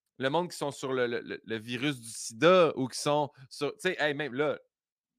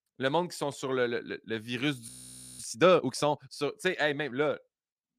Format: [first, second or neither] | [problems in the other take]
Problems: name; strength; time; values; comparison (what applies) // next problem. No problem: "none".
first | audio freezing; at 2 s for 0.5 s